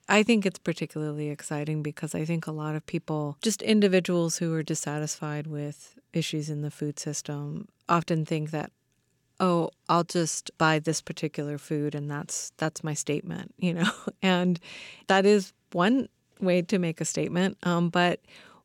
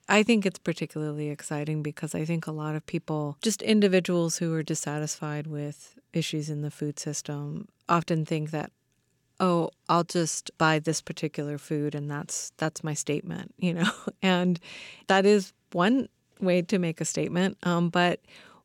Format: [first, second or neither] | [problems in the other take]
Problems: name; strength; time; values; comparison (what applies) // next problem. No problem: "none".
neither | none